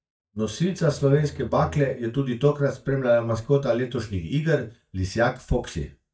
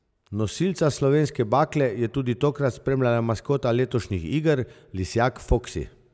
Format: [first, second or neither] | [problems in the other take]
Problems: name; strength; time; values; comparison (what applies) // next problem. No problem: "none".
second | noise reduction (neural mask model DeepFilterNet 3)